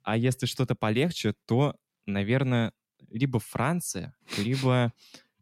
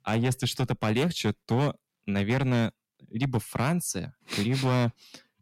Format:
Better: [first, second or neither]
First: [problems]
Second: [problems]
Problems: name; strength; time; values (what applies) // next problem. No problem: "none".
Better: first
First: none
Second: distortion; slight; 8% of the sound clipped